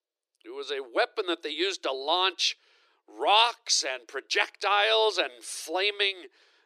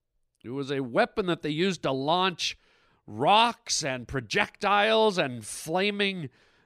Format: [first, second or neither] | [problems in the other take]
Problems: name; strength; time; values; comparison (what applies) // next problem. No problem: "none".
second | thin; very; fading below 350 Hz